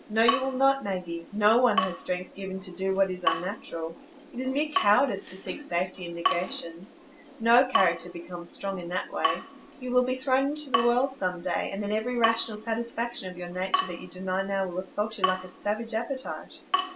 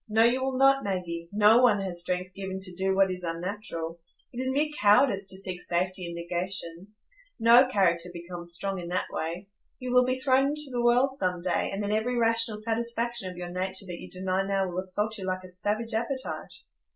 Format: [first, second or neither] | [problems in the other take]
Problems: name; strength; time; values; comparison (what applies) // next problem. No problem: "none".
second | background sound (Drip / Water tap, faucet); 6 dB below the speech